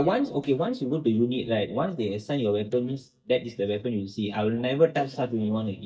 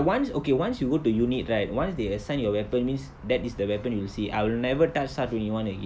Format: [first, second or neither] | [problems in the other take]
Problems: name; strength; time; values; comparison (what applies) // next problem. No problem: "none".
second | noise reduction (neural mask model DeepFilterNet 3)